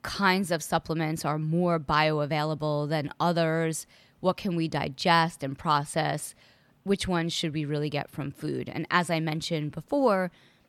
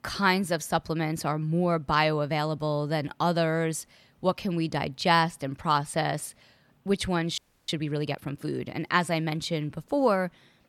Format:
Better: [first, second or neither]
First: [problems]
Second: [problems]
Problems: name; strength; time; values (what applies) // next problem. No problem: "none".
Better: first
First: none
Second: audio freezing; at 7.5 s